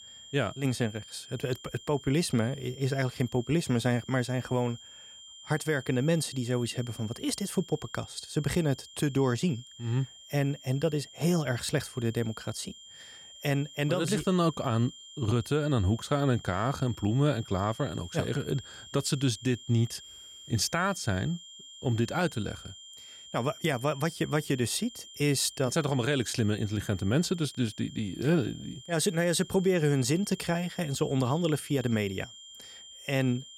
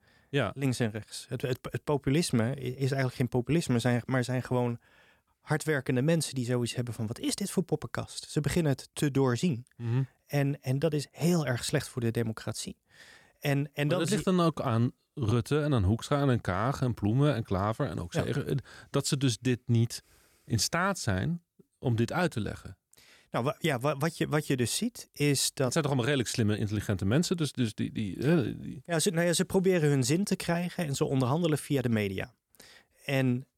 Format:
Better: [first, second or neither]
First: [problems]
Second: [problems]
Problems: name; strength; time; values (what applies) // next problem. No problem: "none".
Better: second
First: high-pitched whine; noticeable; throughout; 3 kHz, 15 dB below the speech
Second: none